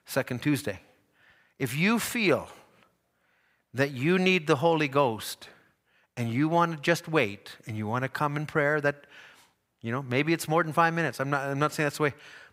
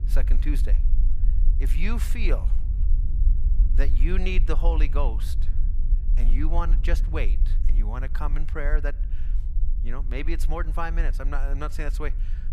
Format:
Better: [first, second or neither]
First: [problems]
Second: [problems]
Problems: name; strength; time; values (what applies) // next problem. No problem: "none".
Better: first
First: none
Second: low rumble; noticeable; throughout; 15 dB below the speech